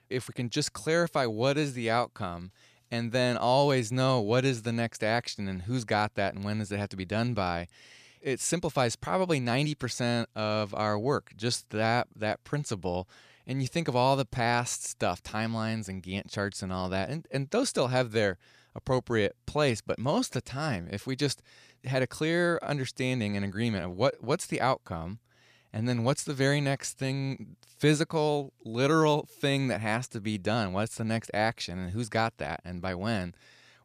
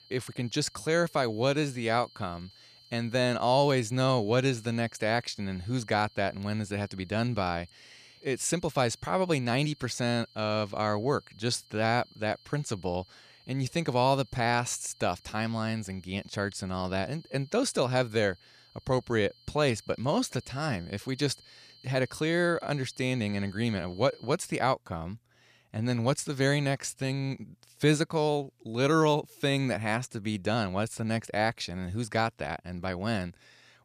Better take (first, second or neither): first